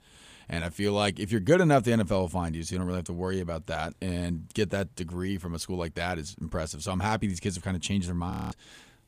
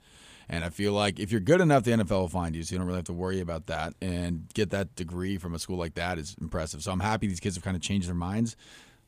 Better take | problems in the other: second | audio freezing; at 8.5 s

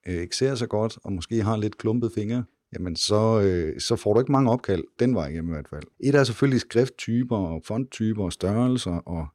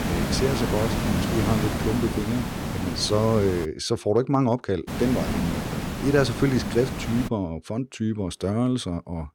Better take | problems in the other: first | hiss; loud; until 3.5 s and from 5 to 7.5 s; 3 dB below the speech

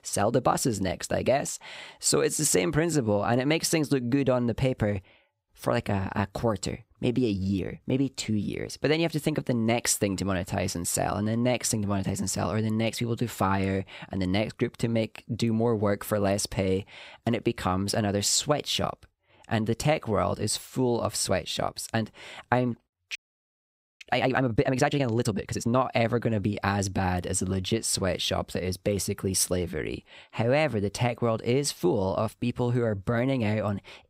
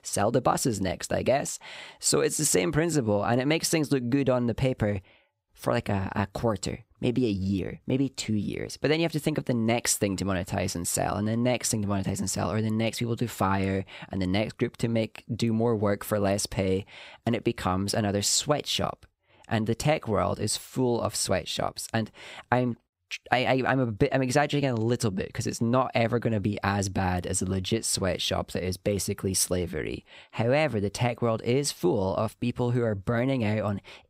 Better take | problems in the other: second | audio freezing; at 23 s for 1 s

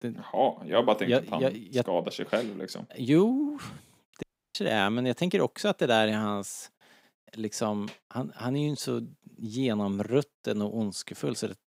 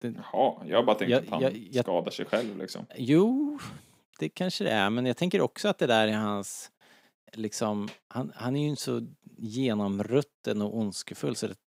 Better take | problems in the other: second | audio cutting out; at 4 s

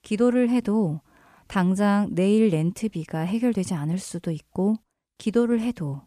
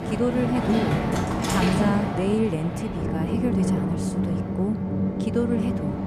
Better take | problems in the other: first | train or aircraft noise; very loud; throughout; 2 dB above the speech

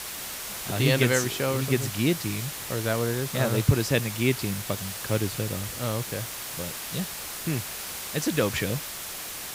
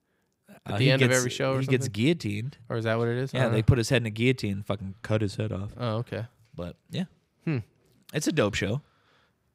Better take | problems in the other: second | hiss; loud; throughout; 6 dB below the speech

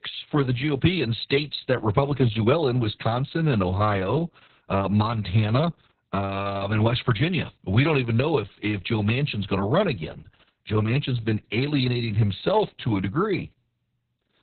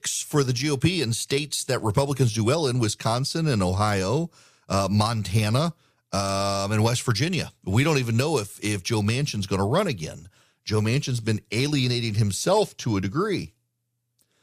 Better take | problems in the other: second | garbled, watery; badly; nothing above 4 kHz

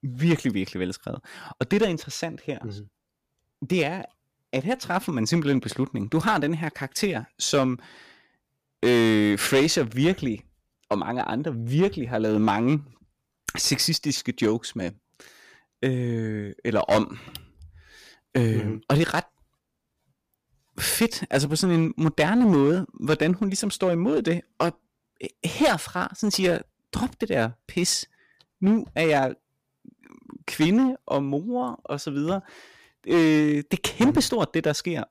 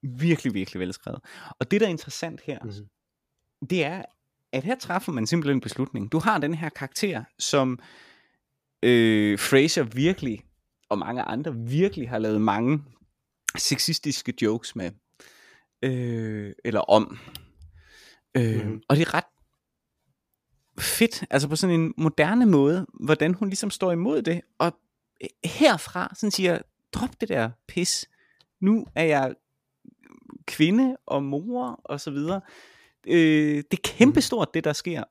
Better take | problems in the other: second | distortion; slight; 4% of the sound clipped

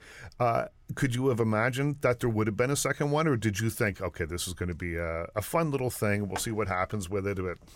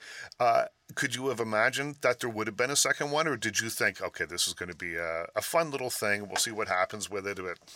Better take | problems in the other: first | thin; somewhat; fading below 550 Hz

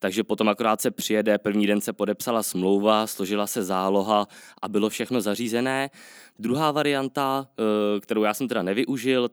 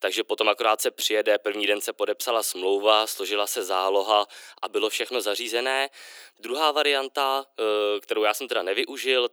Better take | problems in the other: first | thin; very; fading below 350 Hz

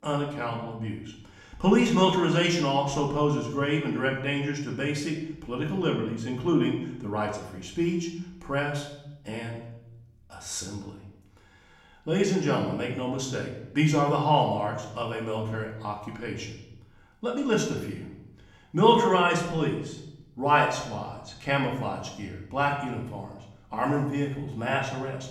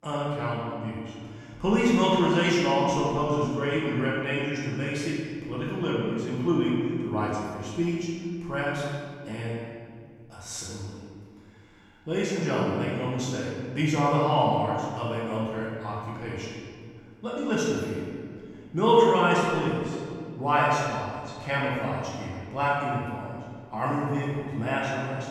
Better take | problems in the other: first | room echo; strong; dies away in 1.8 s; slight in the first // off-mic speech; far; far in the first

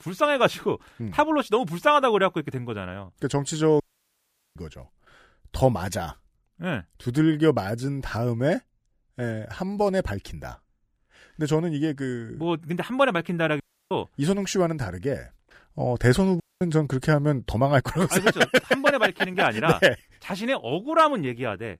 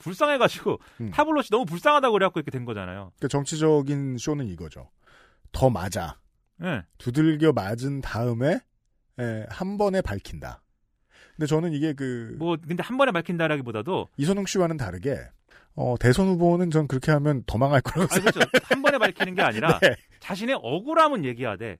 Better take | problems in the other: second | audio cutting out; at 4 s for 1 s, at 14 s and at 16 s

